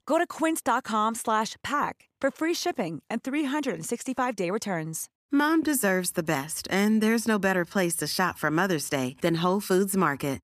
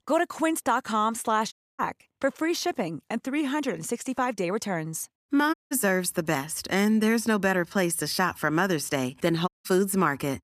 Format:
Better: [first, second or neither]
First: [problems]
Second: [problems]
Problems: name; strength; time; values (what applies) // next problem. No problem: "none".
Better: first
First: none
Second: audio cutting out; at 1.5 s, at 5.5 s and at 9.5 s